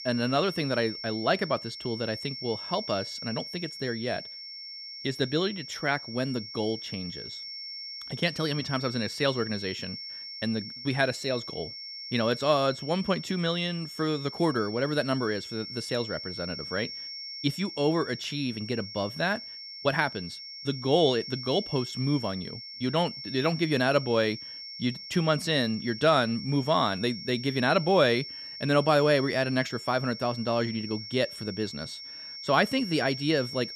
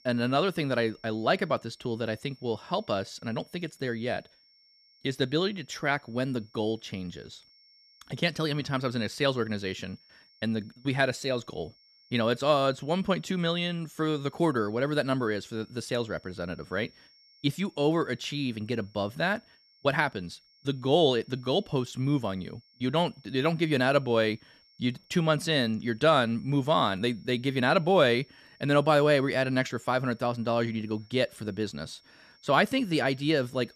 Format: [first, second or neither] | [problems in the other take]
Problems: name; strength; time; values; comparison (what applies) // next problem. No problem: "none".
second | high-pitched whine; loud; throughout; 5.5 kHz, 9 dB below the speech; faint in the second